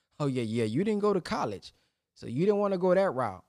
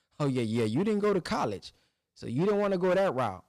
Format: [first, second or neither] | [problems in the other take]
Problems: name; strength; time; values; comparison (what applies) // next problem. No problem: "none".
first | distortion; slight; 10% of the sound clipped